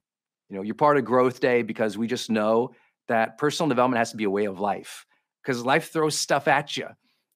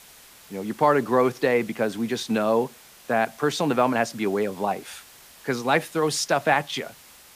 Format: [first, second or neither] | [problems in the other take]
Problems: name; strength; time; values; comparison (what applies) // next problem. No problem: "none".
first | hiss; faint; throughout; 25 dB below the speech